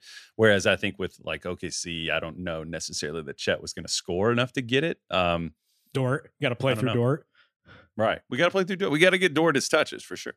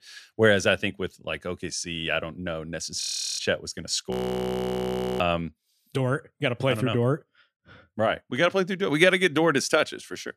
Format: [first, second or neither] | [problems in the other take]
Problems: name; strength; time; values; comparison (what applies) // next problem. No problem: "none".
first | audio freezing; at 3 s and at 4 s for 1 s